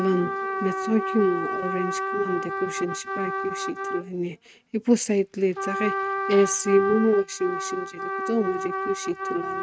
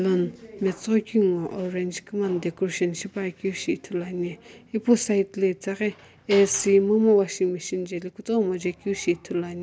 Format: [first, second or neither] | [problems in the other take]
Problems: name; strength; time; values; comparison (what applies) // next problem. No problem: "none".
second | noise reduction (neural mask model RNNoise)